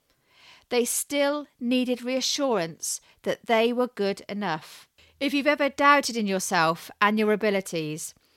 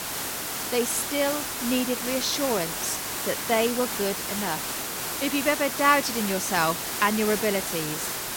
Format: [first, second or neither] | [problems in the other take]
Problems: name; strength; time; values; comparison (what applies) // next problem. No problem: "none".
first | hiss; loud; throughout; 2 dB below the speech